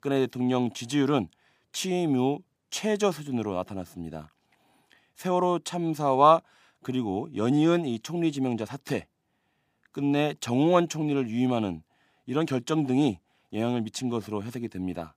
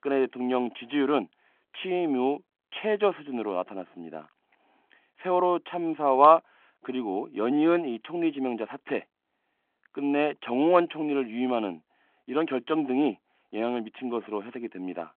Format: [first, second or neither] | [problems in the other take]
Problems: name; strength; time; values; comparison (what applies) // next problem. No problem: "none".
first | phone-call audio